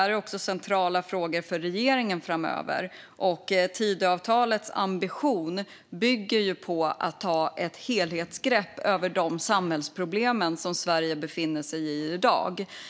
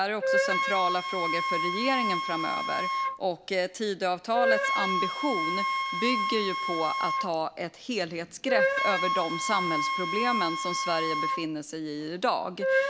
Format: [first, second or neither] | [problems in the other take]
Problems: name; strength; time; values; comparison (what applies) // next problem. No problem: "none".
first | background sound (Wind instrument, woodwind instrument); 1 dB above the speech